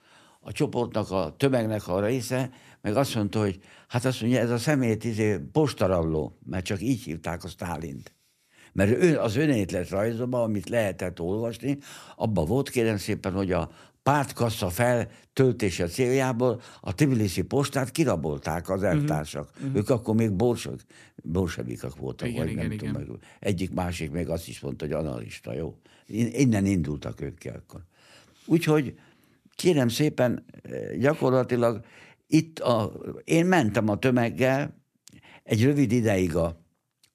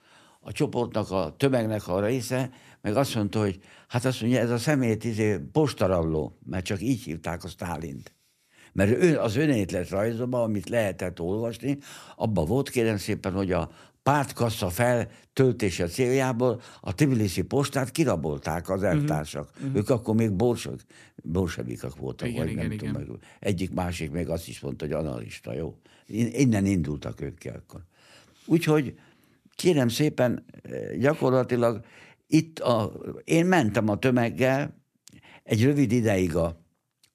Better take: neither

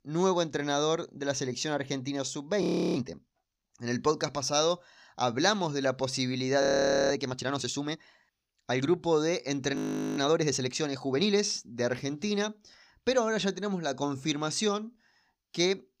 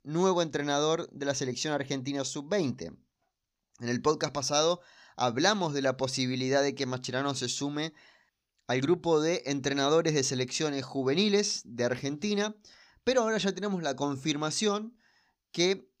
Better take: second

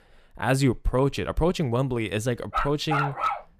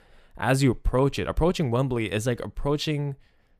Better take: second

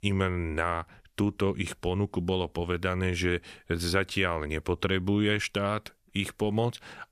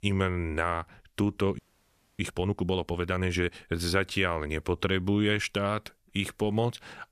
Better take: first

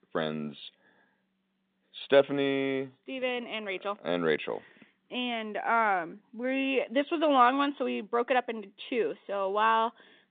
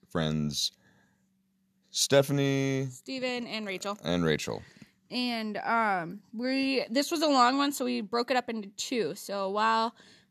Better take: second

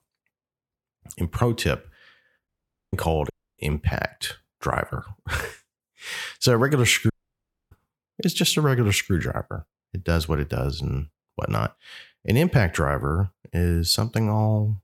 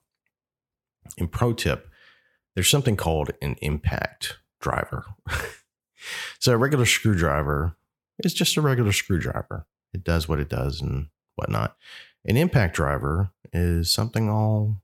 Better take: second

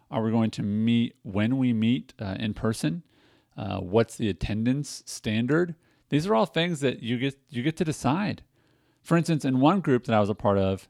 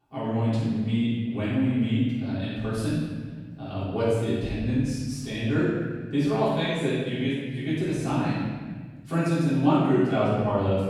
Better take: first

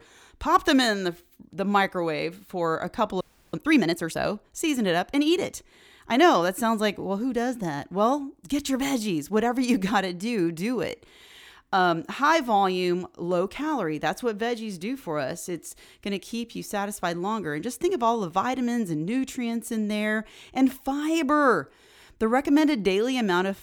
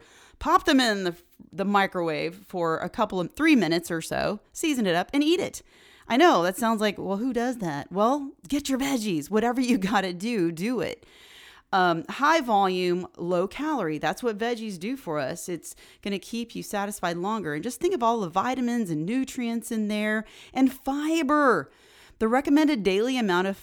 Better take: second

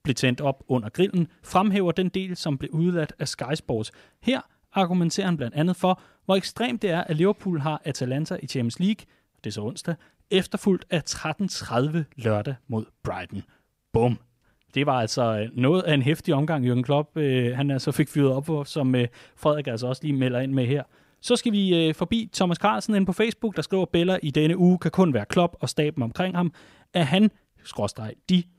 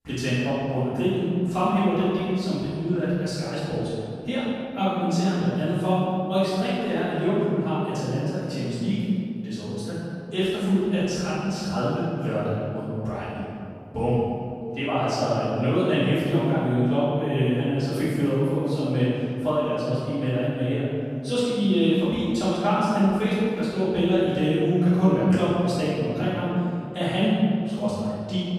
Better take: first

